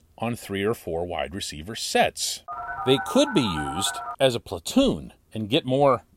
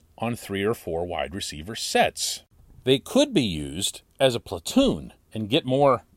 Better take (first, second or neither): second